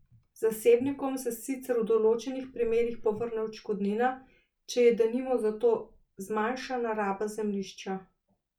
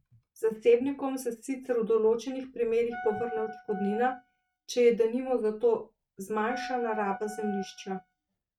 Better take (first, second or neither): first